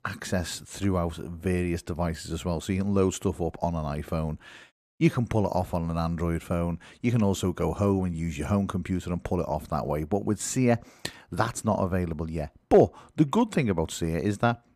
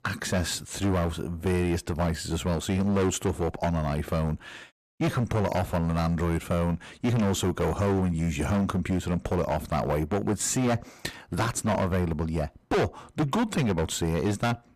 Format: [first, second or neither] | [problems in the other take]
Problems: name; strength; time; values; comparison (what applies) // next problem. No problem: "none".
first | distortion; heavy; 15% of the sound clipped